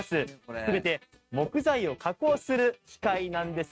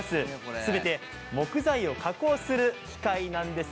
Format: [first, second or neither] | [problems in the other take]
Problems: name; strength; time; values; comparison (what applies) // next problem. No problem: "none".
second | noise reduction (neural mask model RNNoise)